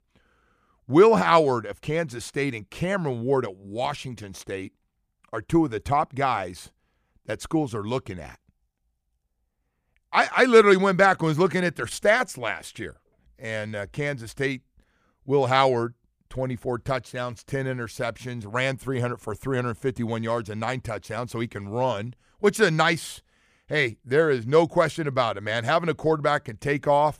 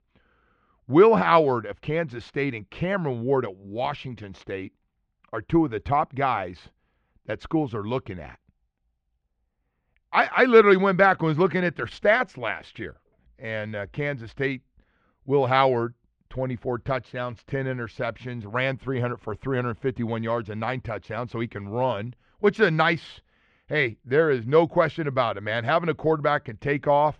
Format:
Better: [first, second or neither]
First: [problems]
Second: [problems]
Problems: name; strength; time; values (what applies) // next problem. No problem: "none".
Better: first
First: none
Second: muffled; slightly; fading above 3.5 kHz